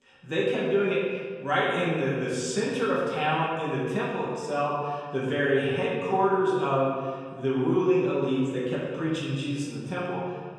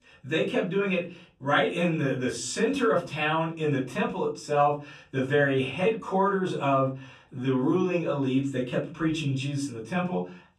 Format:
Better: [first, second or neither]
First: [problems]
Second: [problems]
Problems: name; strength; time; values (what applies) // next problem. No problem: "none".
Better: second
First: room echo; strong; dies away in 1.6 s // off-mic speech; far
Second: room echo; slight; dies away in 0.3 s // off-mic speech; far